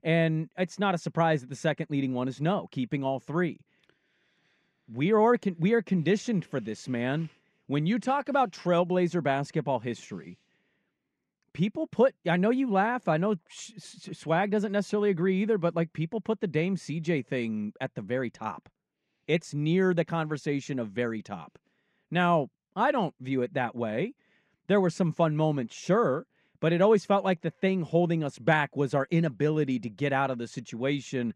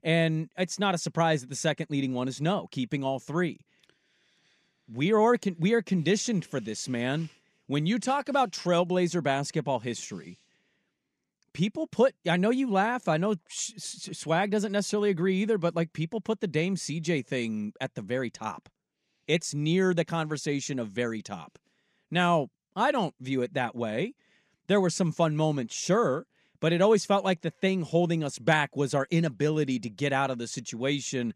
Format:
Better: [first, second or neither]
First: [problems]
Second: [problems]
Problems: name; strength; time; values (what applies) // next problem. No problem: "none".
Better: second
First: muffled; slightly; fading above 3.5 kHz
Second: none